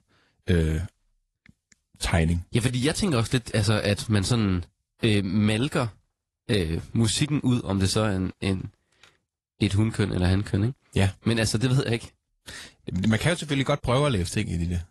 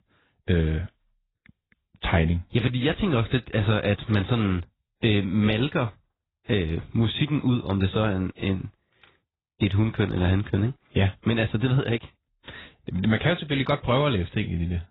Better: first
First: garbled, watery; slightly; nothing above 11 kHz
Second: garbled, watery; badly; nothing above 4 kHz

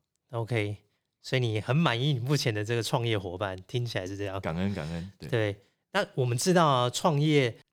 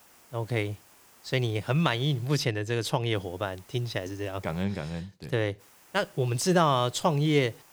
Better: first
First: none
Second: hiss; faint; until 2.5 s, from 3 to 4.5 s and from 5.5 s on; 25 dB below the speech

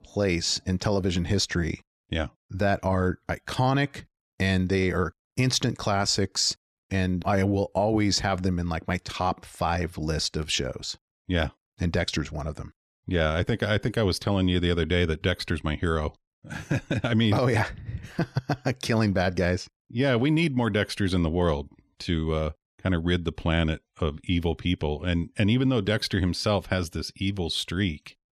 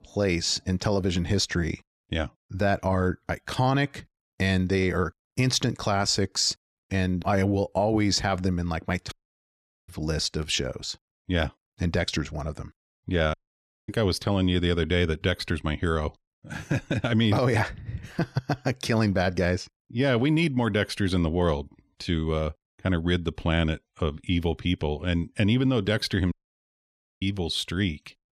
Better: first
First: none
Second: audio cutting out; at 9 s for 1 s, at 13 s for 0.5 s and at 26 s for 1 s

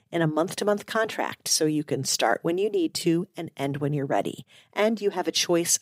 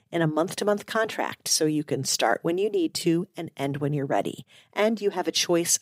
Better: neither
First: none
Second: none

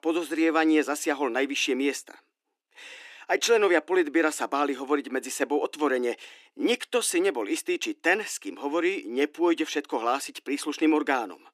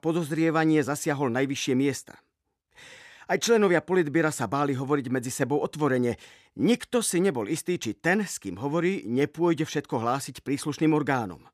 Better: second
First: thin; very slightly; fading below 300 Hz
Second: none

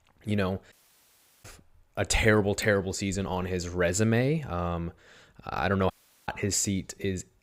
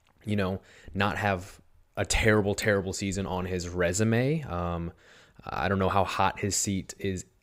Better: second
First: audio cutting out; at 0.5 s for 0.5 s and at 6 s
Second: none

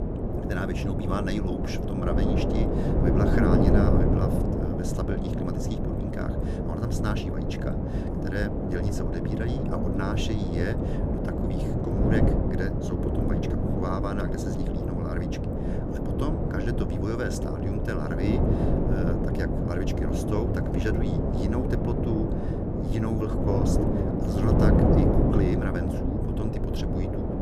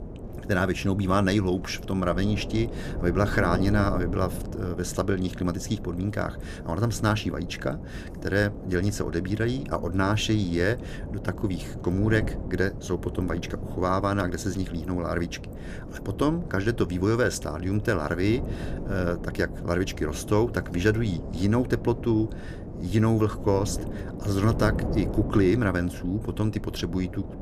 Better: second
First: wind noise on the microphone; heavy; 4 dB above the speech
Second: wind noise on the microphone; occasional gusts; 10 dB below the speech

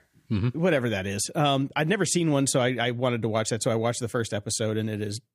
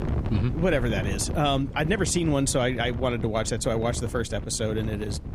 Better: first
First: none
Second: wind noise on the microphone; occasional gusts; 15 dB below the speech

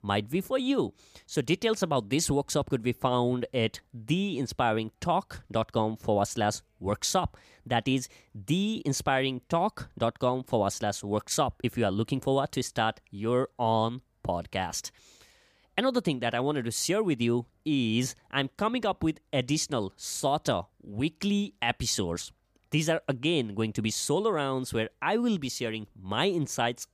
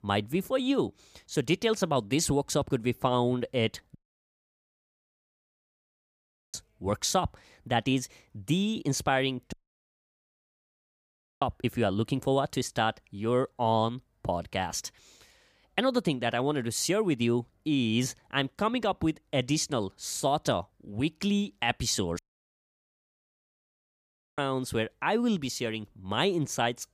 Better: first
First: none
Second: audio cutting out; at 4 s for 2.5 s, at 9.5 s for 2 s and at 22 s for 2 s

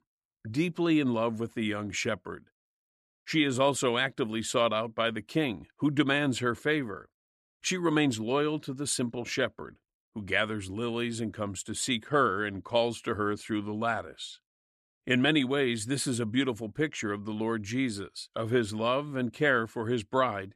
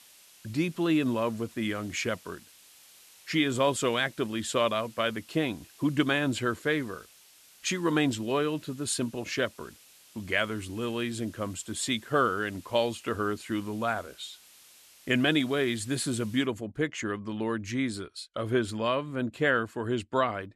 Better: first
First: none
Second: hiss; faint; until 16 s; 25 dB below the speech

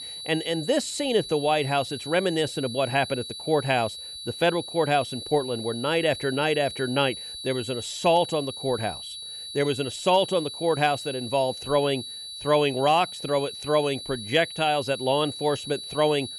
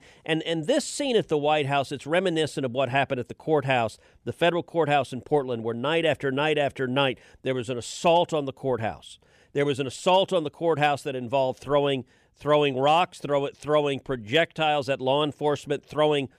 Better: second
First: high-pitched whine; loud; throughout; 4 kHz, 9 dB below the speech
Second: none

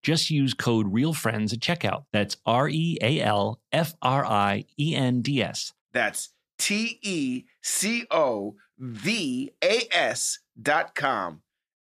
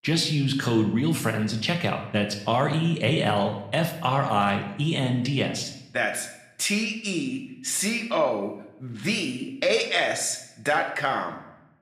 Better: first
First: none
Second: room echo; slight; dies away in 0.7 s

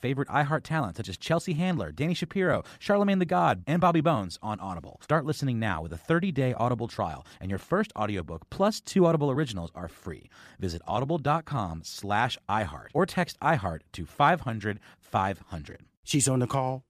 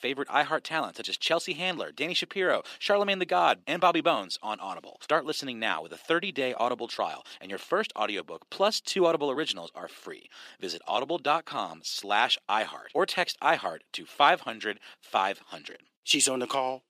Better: first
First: none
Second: thin; somewhat; fading below 350 Hz

